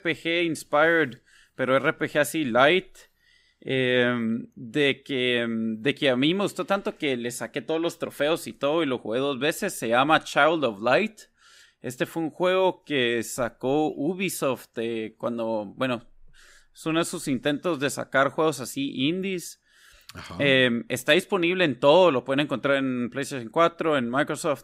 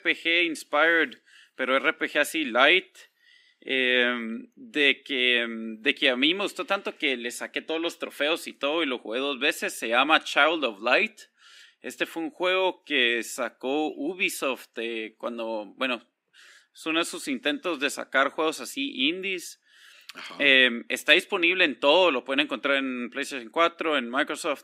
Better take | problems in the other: first | thin; very slightly; fading below 250 Hz

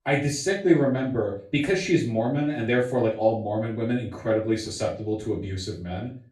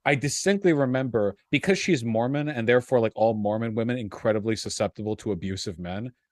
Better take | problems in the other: second | off-mic speech; far // room echo; slight; dies away in 0.3 s

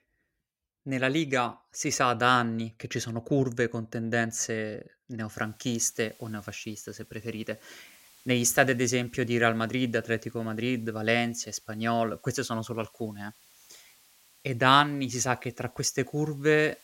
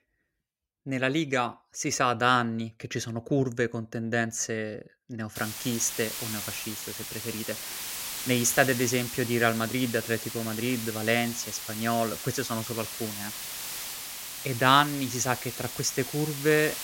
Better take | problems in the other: first | hiss; loud; from 5.5 s on; 7 dB below the speech; faint in the first

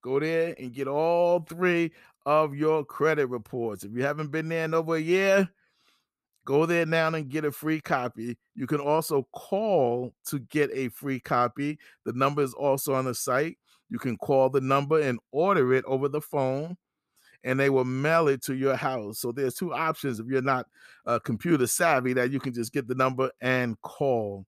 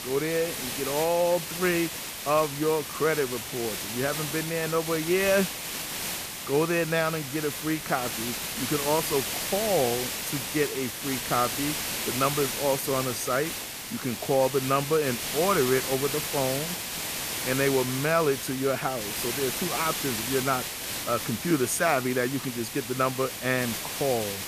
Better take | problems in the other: first | hiss; loud; throughout; 3 dB below the speech

